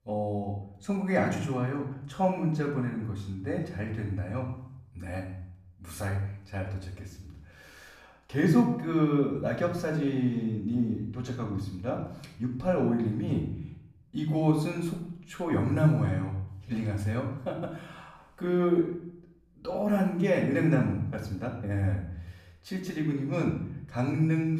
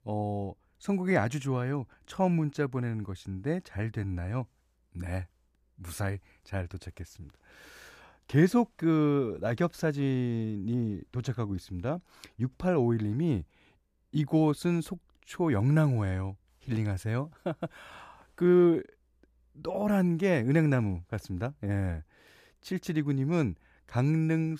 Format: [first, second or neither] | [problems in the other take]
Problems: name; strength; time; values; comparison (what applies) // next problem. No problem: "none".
second | off-mic speech; far // room echo; noticeable; dies away in 0.6 s